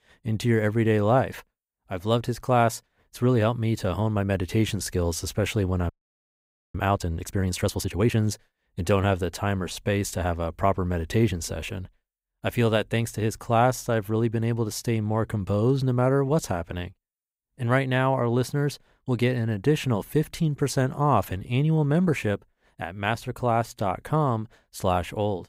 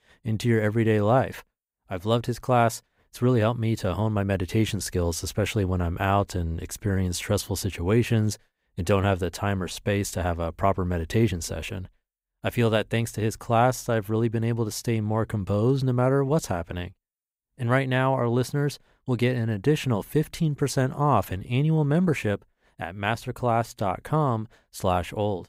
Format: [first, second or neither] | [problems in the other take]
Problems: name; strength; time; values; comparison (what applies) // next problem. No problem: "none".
second | audio freezing; at 6 s for 1 s